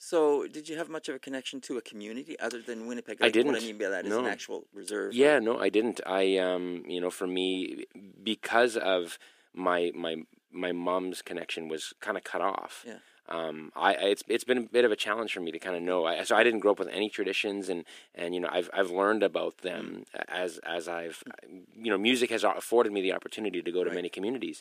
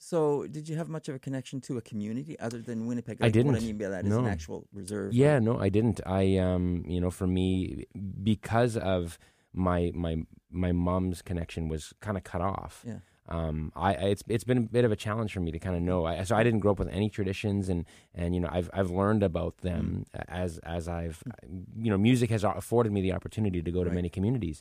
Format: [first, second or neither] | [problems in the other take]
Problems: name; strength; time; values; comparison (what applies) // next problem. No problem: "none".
second | thin; somewhat; fading below 300 Hz